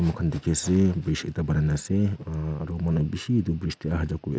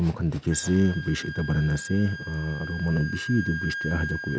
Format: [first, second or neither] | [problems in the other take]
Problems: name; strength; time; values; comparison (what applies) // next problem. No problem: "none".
first | background sound (Wind instrument, woodwind instrument); 11 dB below the speech